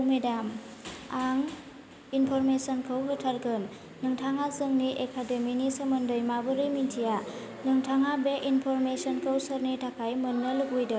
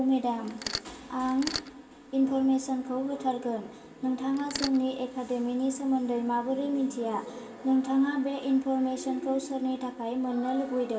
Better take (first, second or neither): first